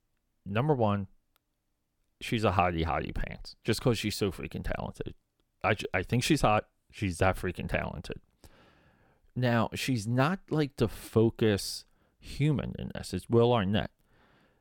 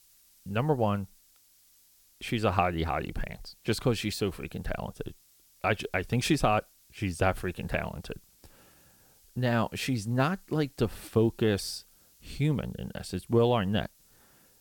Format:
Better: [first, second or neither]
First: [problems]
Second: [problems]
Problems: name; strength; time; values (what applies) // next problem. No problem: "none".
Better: first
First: none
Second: hiss; faint; throughout; 30 dB below the speech